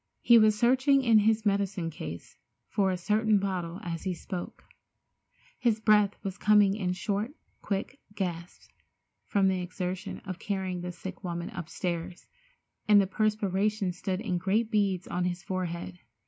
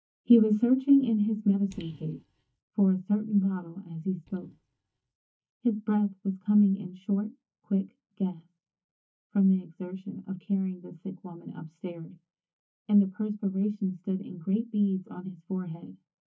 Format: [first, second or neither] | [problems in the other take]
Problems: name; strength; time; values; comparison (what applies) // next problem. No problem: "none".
first | noise reduction (neural mask model DeepFilterNet 3)